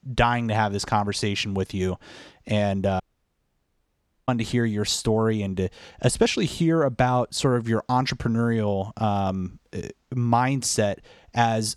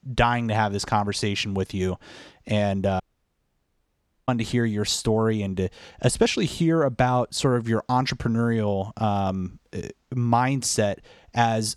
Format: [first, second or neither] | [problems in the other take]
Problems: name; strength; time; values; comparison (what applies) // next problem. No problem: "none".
neither | audio cutting out; at 3 s for 1.5 s; the same in both